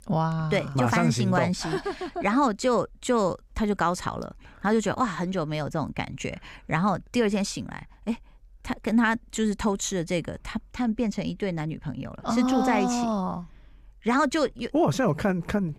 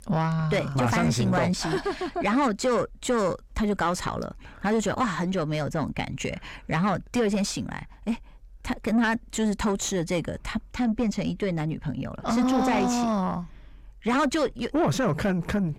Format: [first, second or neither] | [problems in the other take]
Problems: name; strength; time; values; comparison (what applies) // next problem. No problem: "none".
first | distortion; slight; 9 dB below the speech